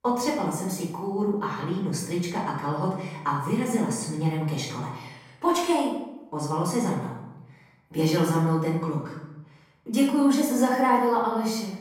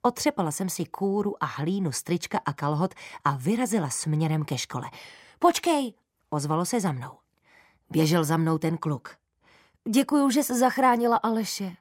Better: second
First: room echo; noticeable; dies away in 0.7 s // off-mic speech; far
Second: none

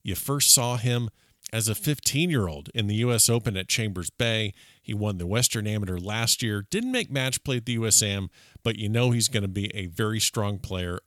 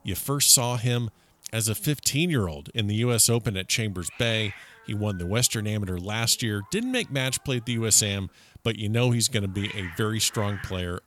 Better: first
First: none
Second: hiss; noticeable; throughout; 20 dB below the speech

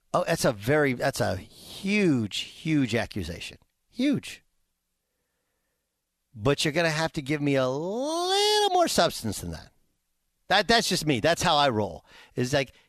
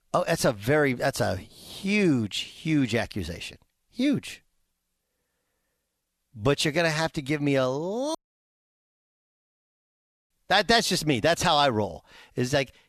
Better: first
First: none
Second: audio cutting out; at 8 s for 2 s

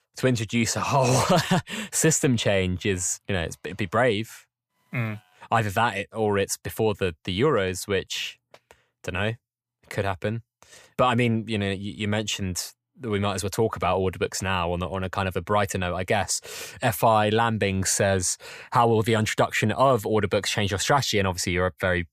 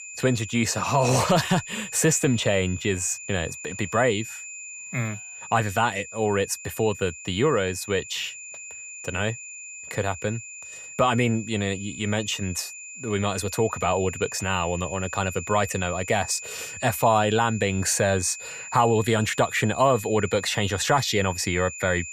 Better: first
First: none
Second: high-pitched whine; noticeable; throughout; 2.5 kHz, 10 dB below the speech

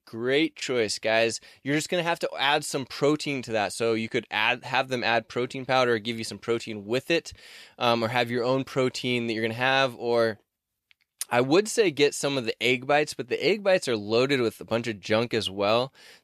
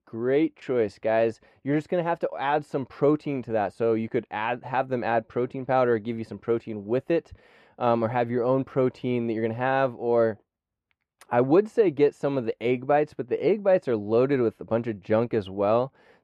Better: first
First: none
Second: muffled; very; fading above 2.5 kHz

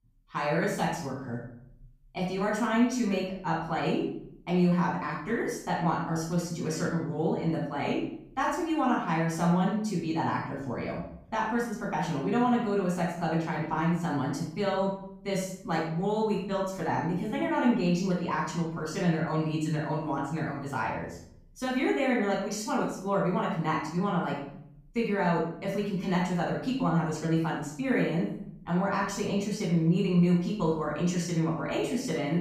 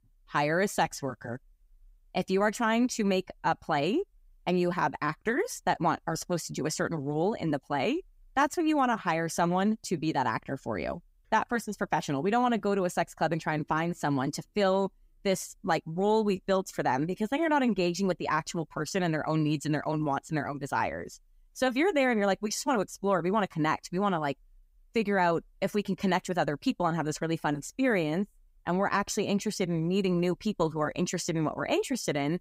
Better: second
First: room echo; noticeable; dies away in 0.7 s // off-mic speech; far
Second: none

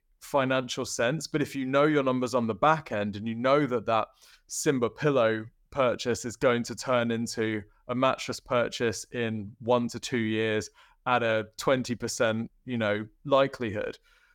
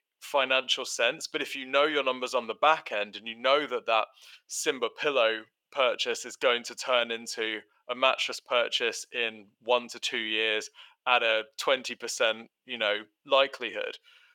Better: first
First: none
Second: thin; somewhat; fading below 550 Hz

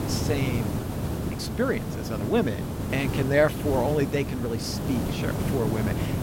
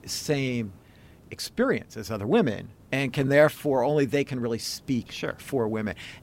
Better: second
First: hiss; loud; throughout; 2 dB below the speech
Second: hiss; faint; throughout; 25 dB below the speech

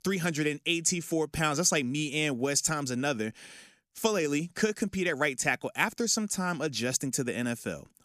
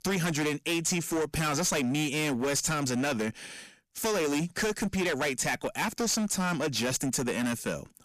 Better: first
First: none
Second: distortion; heavy; 25% of the sound clipped

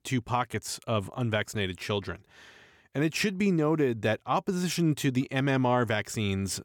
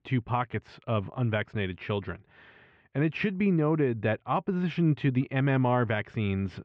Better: first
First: none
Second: muffled; very; fading above 3 kHz

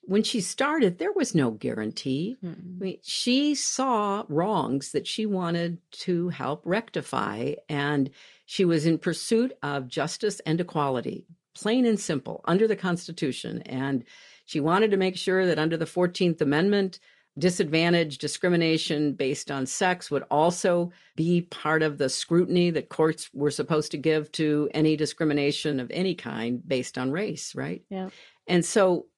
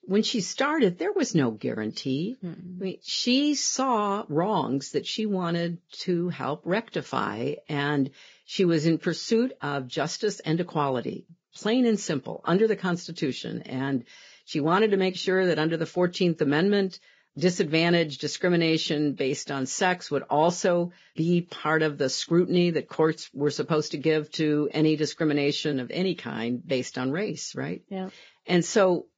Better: first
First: garbled, watery; slightly; nothing above 10.5 kHz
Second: garbled, watery; badly; nothing above 7.5 kHz

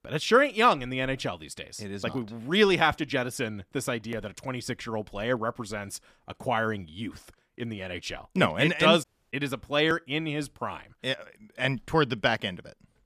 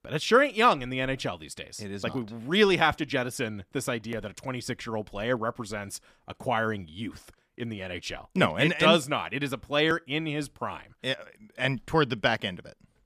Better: second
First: audio cutting out; at 9 s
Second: none

